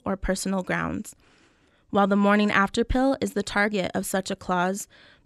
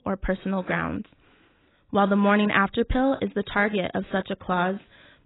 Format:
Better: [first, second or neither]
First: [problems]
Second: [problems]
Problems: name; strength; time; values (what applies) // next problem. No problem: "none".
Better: first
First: none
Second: garbled, watery; badly; nothing above 4 kHz